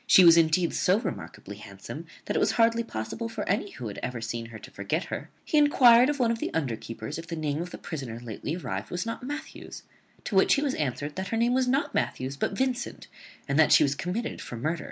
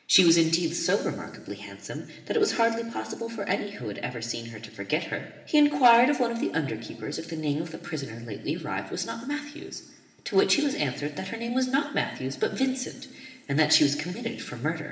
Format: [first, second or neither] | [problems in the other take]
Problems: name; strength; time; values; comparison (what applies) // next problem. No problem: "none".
first | room echo; dies away in 2.5 s